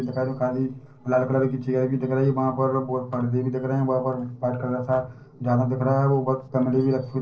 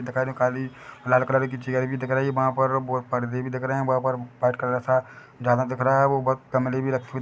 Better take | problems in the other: second | noise reduction (neural separator model SepFormer DNS4)

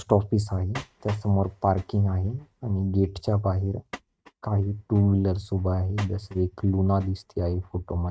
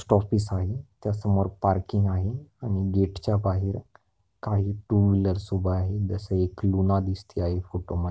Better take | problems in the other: second | noise reduction (neural mask model RNNoise)

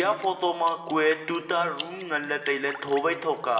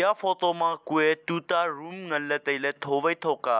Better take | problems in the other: second | background sound (Drip); 18 dB below the speech // room echo; dies away in 1.2 s

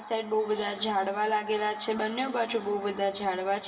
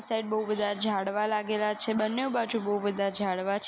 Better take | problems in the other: second | room echo; dies away in 2 s

